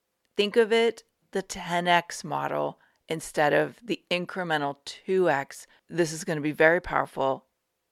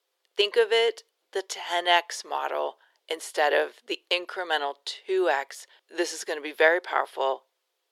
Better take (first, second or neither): first